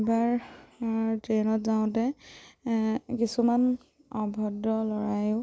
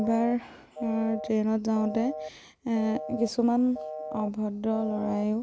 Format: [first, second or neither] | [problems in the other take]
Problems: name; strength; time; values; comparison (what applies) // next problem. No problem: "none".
first | background sound (Telephone); 11 dB below the speech